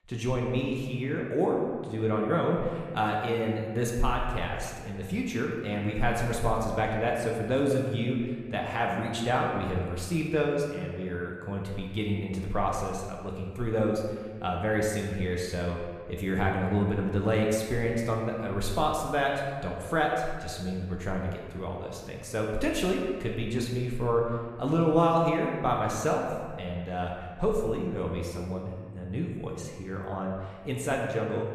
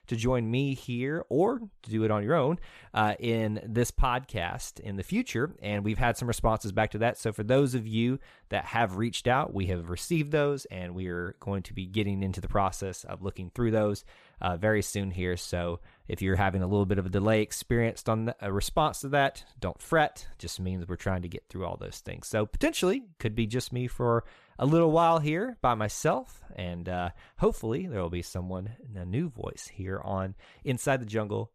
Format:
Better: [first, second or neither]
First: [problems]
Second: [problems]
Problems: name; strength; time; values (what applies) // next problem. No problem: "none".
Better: second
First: room echo; noticeable; dies away in 1.4 s // off-mic speech; somewhat distant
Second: none